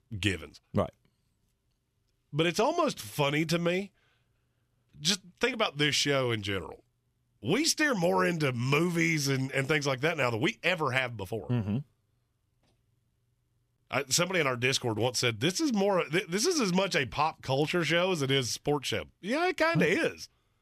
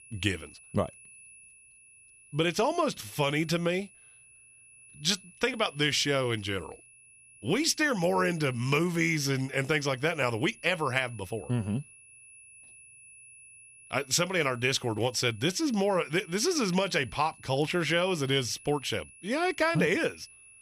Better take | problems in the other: first | high-pitched whine; faint; throughout; 2.5 kHz, 25 dB below the speech

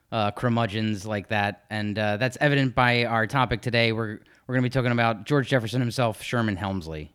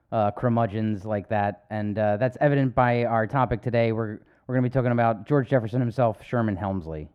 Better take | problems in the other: first | muffled; very; fading above 2 kHz

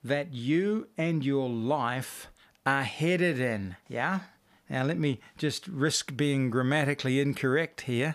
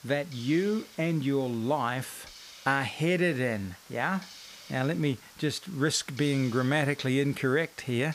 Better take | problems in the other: first | hiss; noticeable; throughout; 20 dB below the speech

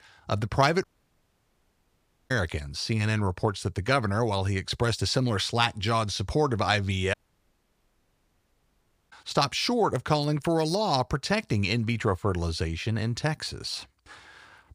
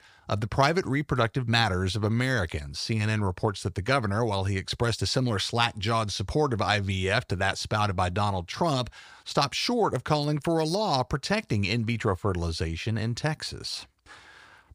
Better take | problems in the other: second | audio cutting out; at 1 s for 1.5 s and at 7 s for 2 s

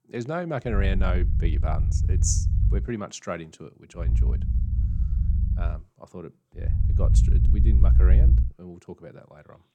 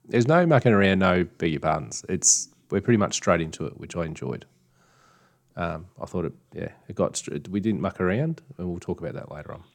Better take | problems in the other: second | low rumble; loud; from 0.5 to 3 s, from 4 to 5.5 s and from 6.5 to 8.5 s; 7 dB below the speech

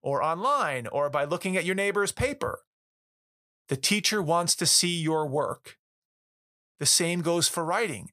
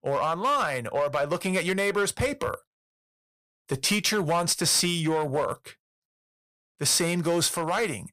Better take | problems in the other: first | distortion; slight; 7% of the sound clipped

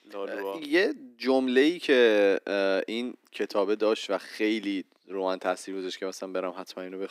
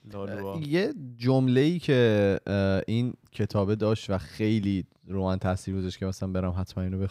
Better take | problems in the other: second | thin; somewhat; fading below 250 Hz

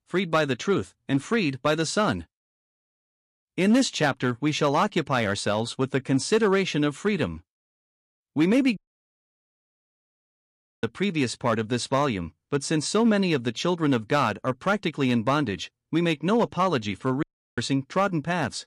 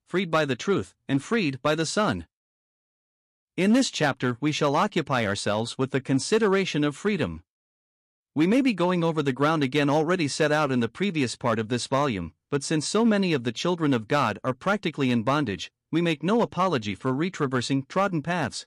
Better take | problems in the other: second | audio cutting out; at 9 s for 2 s and at 17 s

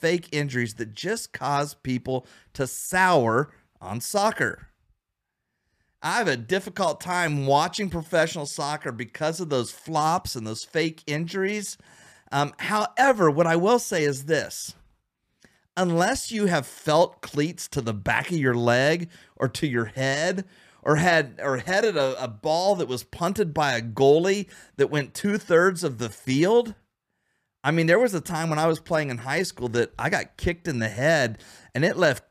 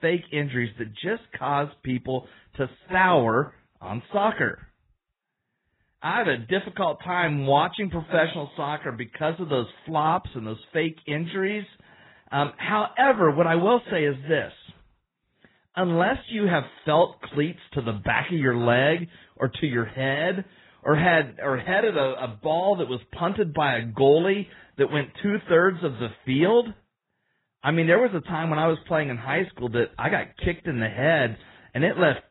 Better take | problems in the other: first | garbled, watery; badly; nothing above 4 kHz

